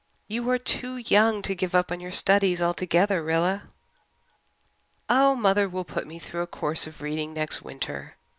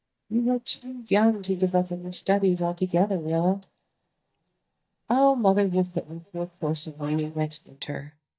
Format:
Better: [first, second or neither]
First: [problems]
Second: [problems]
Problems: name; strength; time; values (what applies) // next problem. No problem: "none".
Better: first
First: none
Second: noise reduction (neural mask model DeepFilterNet 3)